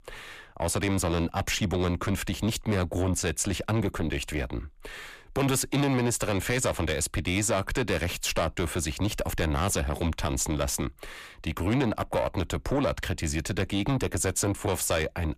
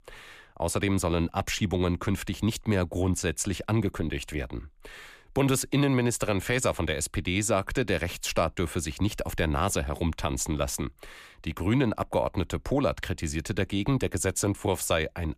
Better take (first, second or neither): second